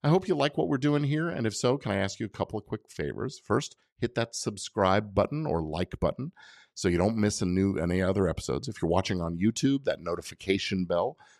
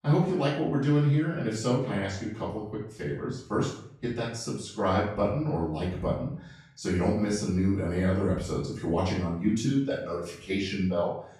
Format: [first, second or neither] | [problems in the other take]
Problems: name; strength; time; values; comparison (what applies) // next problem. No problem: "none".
first | off-mic speech; far // room echo; noticeable; dies away in 0.5 s